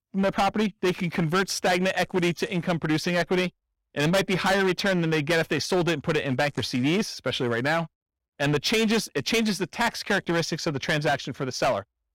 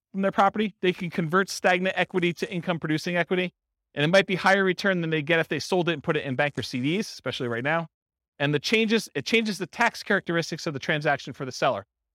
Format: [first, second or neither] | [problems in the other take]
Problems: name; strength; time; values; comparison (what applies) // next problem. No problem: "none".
second | distortion; heavy; 12% of the sound clipped